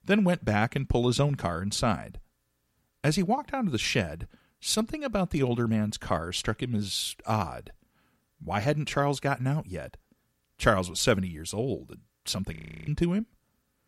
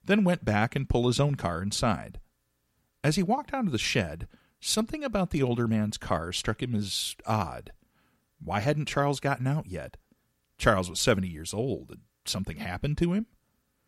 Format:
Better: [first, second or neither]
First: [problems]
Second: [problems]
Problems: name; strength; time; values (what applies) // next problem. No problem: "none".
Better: second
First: audio freezing; at 13 s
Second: none